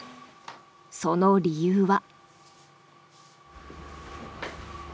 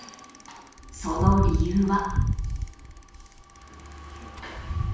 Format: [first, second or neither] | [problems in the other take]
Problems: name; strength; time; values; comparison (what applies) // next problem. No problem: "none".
first | background sound (Bicycle); 1 dB above the speech // room echo; dies away in 0.7 s